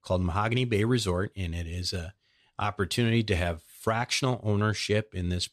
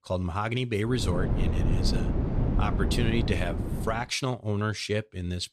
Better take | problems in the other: first | wind noise on the microphone; heavy; from 1 to 4 s; 5 dB below the speech

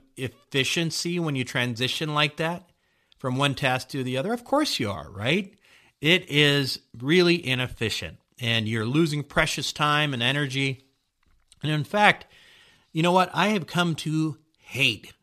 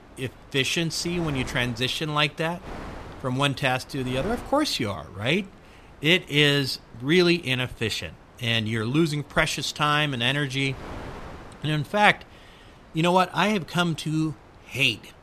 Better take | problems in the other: first | wind noise on the microphone; occasional gusts; 20 dB below the speech

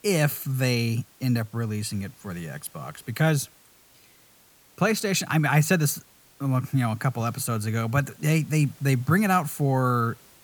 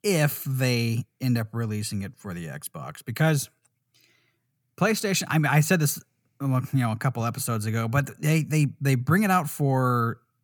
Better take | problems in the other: second | hiss; faint; throughout; 30 dB below the speech

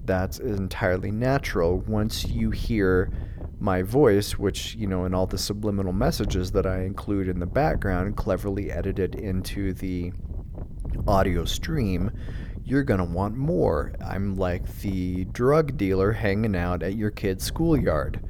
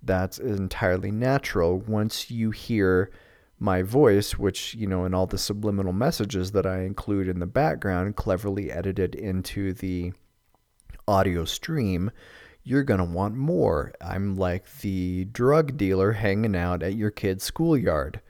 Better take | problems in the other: second | wind noise on the microphone; occasional gusts; 20 dB below the speech

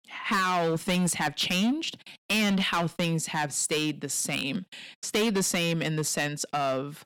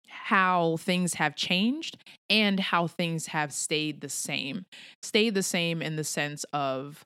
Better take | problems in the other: second | distortion; heavy; 11% of the sound clipped

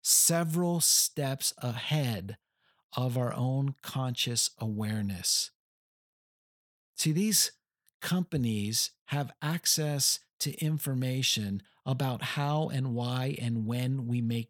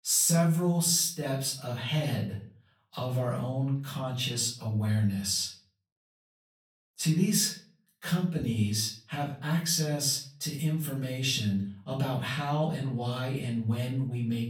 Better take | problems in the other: first | off-mic speech; far // room echo; slight; dies away in 0.4 s

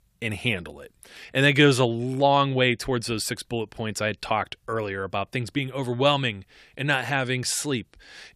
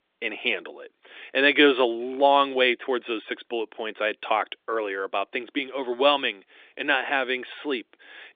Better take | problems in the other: first | phone-call audio

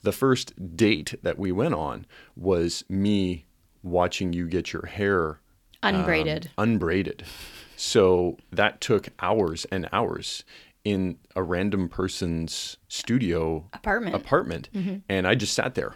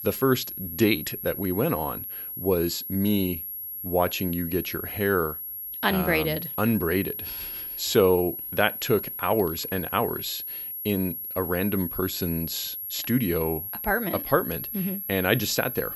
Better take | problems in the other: first | high-pitched whine; loud; throughout; 11.5 kHz, 6 dB below the speech

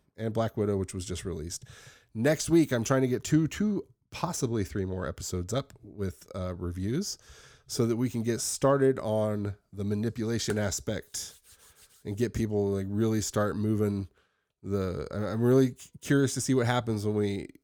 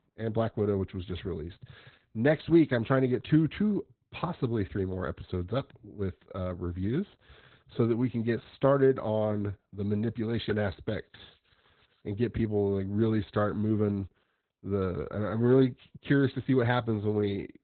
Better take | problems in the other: first | garbled, watery; badly; nothing above 4 kHz

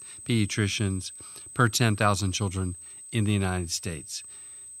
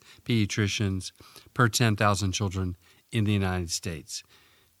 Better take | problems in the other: second | high-pitched whine; noticeable; throughout; 8 kHz, 15 dB below the speech

